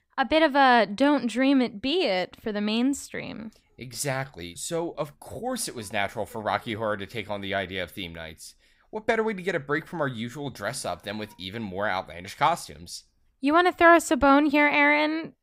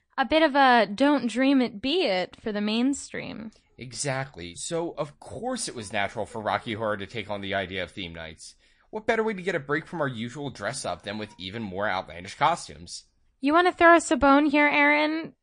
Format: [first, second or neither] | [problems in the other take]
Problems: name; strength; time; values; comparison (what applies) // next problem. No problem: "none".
first | garbled, watery; slightly; nothing above 9 kHz